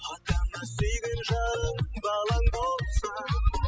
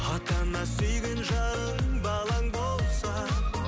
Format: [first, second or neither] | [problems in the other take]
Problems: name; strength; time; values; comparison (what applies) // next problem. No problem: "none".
second | noise reduction (classical method spectral subtraction)